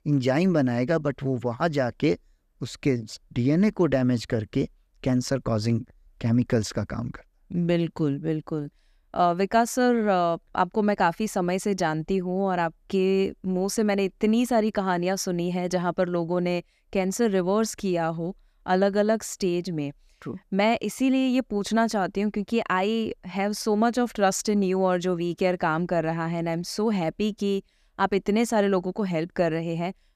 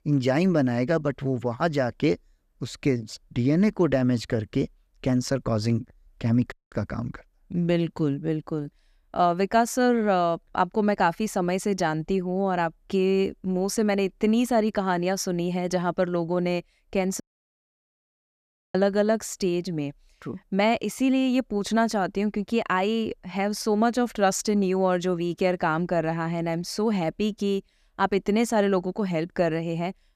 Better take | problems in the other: first | audio cutting out; at 6.5 s and at 17 s for 1.5 s

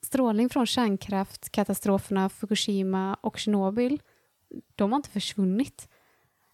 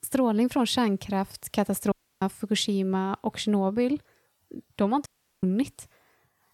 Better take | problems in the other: first | audio cutting out; at 2 s and at 5 s

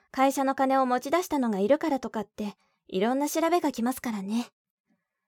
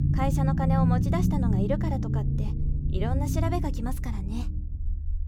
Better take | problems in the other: first | low rumble; loud; throughout; 3 dB below the speech

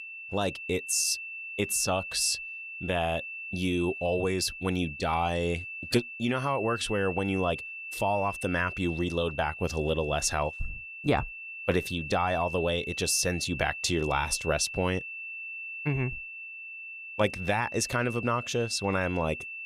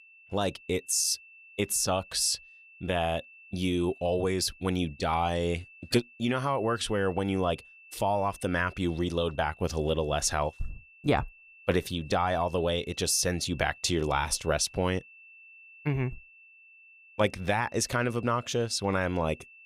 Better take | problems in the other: second | high-pitched whine; loud; throughout; 2.5 kHz, 8 dB below the speech; faint in the second

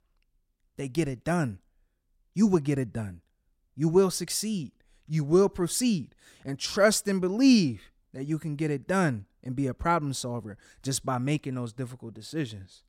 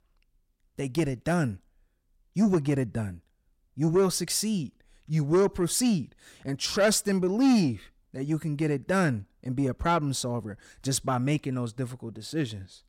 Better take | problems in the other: first | distortion; slight; 10 dB below the speech

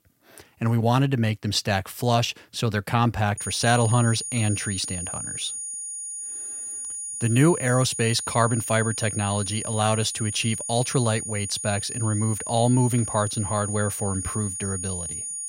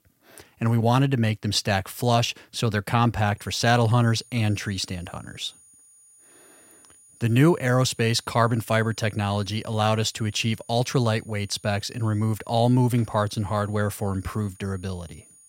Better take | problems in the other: second | high-pitched whine; loud; from 3.5 s on; 9.5 kHz, 5 dB below the speech; faint in the second

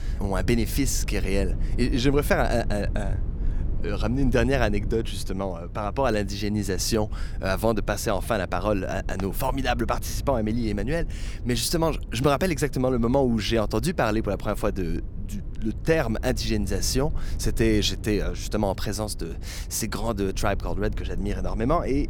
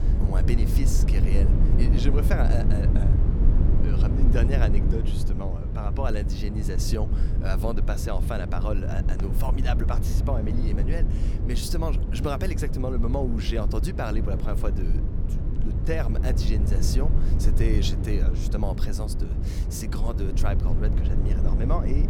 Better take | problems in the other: first | low rumble; loud; throughout; 4 dB below the speech; faint in the first

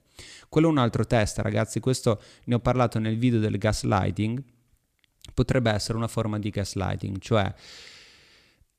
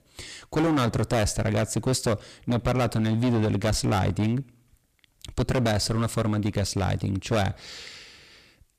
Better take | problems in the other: first | distortion; heavy; 15% of the sound clipped

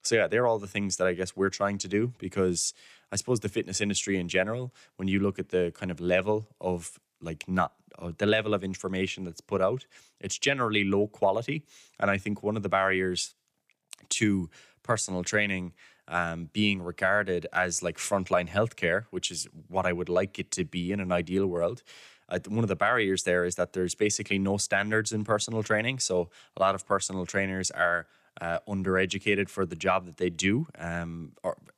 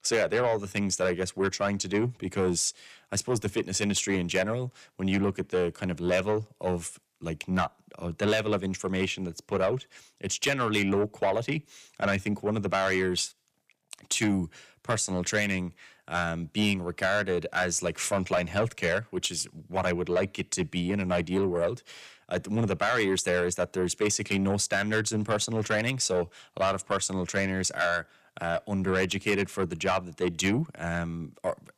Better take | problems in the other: first | distortion; slight; 10 dB below the speech

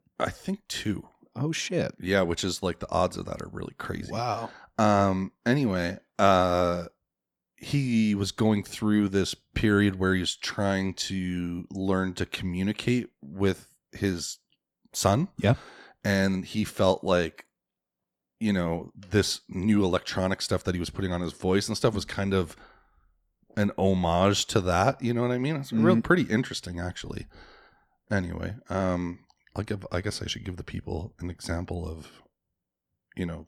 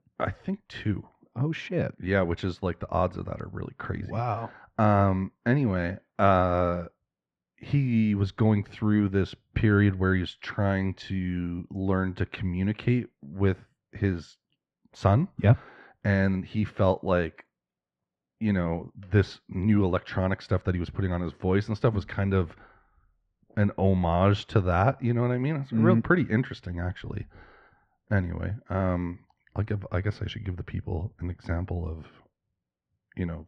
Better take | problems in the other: first | muffled; very; fading above 2 kHz

